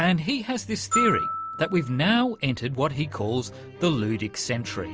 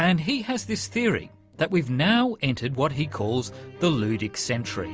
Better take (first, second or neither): second